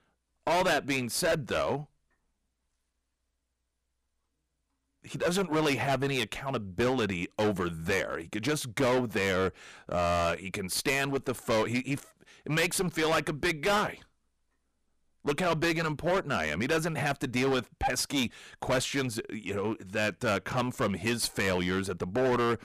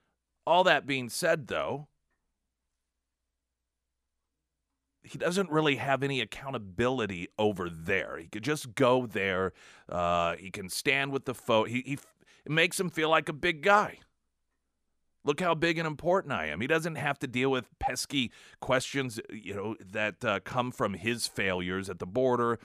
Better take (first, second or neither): second